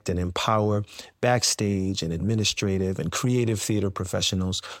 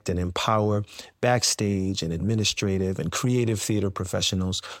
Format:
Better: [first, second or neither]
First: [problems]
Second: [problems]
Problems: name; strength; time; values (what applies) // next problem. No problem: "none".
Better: neither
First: none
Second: none